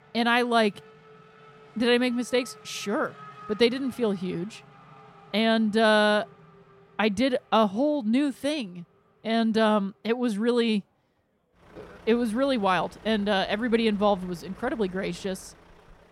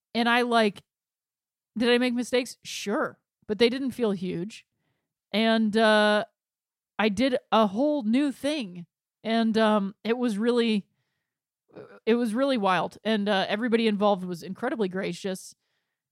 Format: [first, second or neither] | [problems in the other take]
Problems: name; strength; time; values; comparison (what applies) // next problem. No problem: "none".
second | traffic noise; faint; throughout; 25 dB below the speech